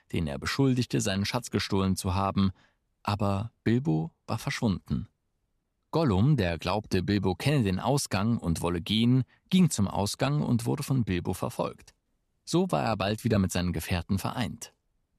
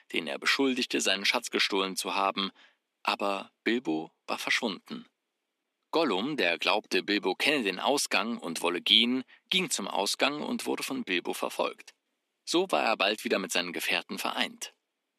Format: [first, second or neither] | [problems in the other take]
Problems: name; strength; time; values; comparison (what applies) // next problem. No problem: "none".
first | thin; somewhat; fading below 250 Hz